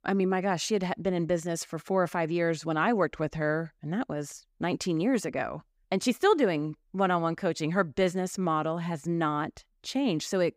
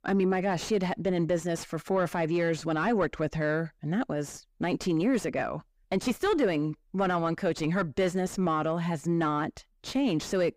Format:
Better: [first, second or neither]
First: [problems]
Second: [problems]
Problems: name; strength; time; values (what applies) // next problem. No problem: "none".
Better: first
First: none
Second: distortion; slight; 10 dB below the speech